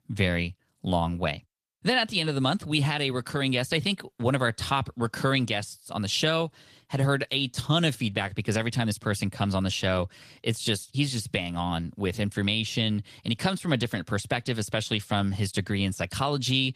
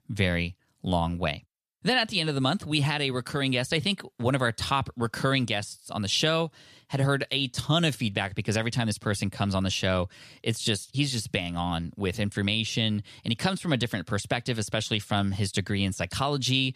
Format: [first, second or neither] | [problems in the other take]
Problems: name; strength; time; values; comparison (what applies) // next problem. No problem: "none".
second | garbled, watery; slightly; nothing above 14.5 kHz